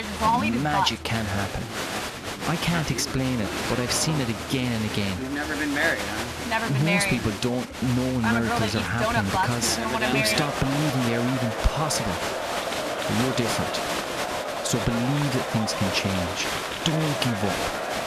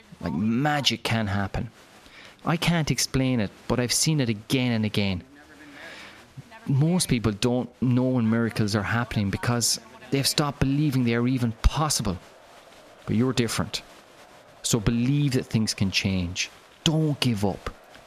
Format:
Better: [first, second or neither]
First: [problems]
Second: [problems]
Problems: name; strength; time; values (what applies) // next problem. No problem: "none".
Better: second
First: crowd noise; loud; throughout; 1 dB below the speech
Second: crowd noise; faint; throughout; 25 dB below the speech